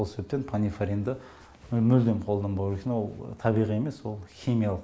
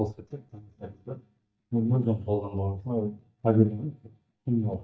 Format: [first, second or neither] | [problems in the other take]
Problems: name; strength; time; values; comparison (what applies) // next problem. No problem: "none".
first | noise reduction (neural mask model DeepFilterNet 3)